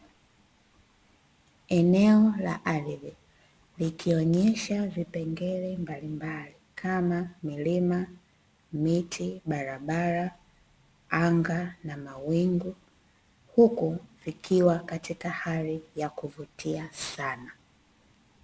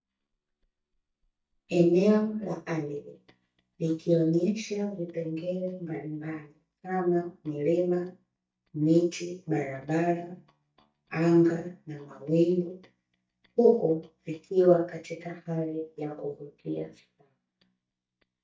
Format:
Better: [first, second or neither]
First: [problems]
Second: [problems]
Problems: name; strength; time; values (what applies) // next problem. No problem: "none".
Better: first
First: none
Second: noise reduction (neural mask model DeepFilterNet 3)